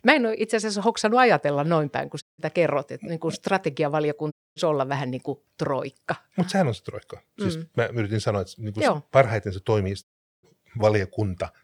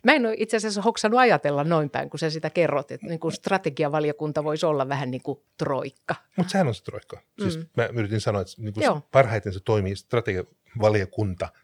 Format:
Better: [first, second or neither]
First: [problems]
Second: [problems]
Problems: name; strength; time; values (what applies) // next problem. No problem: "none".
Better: second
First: audio cutting out; at 2 s, at 4.5 s and at 10 s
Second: none